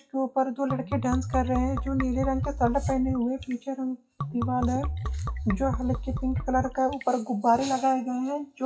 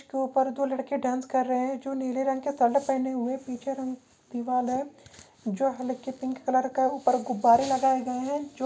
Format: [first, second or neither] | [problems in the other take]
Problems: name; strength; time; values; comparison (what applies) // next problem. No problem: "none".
second | noise reduction (classical method WPE with log-MMSE)